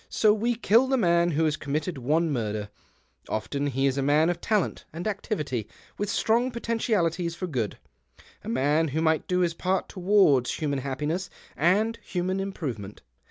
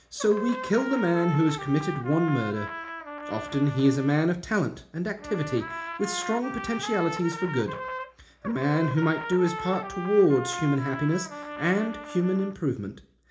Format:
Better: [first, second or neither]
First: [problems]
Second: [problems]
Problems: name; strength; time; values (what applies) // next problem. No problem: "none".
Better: first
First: none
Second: background sound (Trumpet); 10 dB below the speech // room echo; dies away in 0.4 s